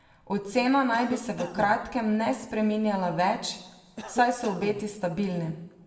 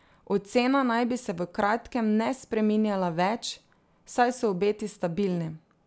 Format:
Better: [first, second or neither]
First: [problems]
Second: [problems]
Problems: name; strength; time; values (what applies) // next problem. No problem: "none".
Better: second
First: background sound (Cough); 14 dB below the speech // room echo; dies away in 0.9 s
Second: none